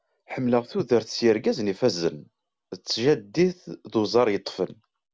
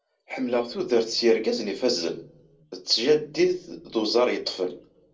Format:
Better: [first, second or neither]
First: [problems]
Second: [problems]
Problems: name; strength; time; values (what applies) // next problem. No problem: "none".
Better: first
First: none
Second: room echo; dies away in 0.2 s